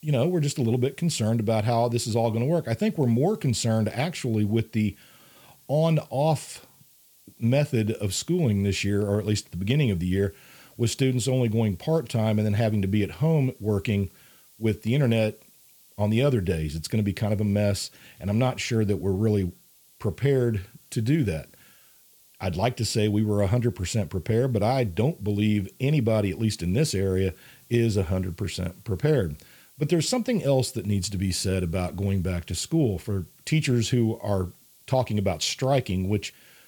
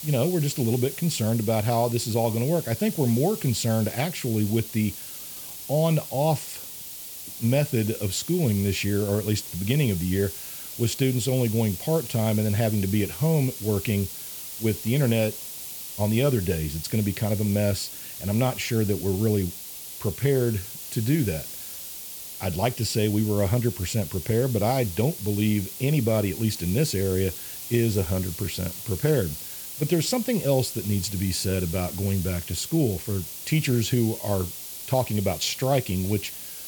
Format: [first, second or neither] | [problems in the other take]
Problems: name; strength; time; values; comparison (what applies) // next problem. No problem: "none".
first | hiss; loud; throughout; 9 dB below the speech; faint in the first